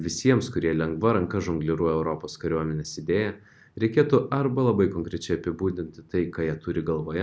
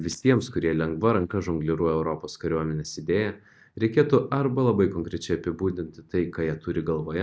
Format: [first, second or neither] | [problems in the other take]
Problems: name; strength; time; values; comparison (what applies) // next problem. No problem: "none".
first | noise reduction (neural mask model DeepFilterNet 3)